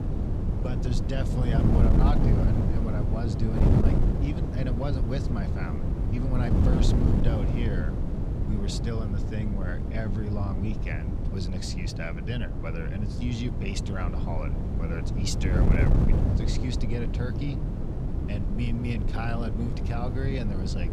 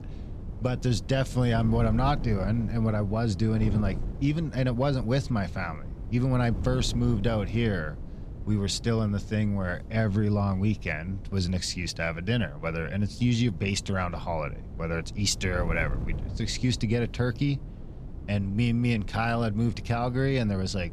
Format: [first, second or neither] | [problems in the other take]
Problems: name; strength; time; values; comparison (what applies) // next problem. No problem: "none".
second | wind noise on the microphone; heavy; as loud as the speech; occasional gusts in the second